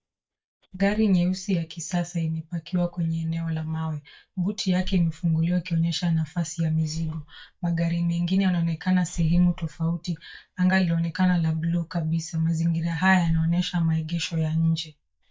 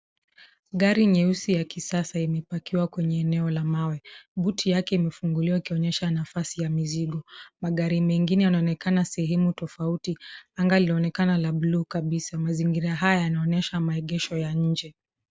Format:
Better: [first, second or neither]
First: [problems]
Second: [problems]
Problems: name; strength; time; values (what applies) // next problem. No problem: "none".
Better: second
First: noise reduction (neural mask model DeepFilterNet 3)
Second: none